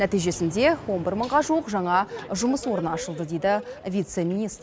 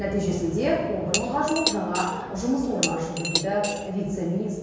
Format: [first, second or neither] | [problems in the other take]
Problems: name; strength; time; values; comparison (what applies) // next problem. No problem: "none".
first | background sound (Cutlery, silverware / Dishes, pots, and pans); 5 dB below the speech // room echo; dies away in 1.2 s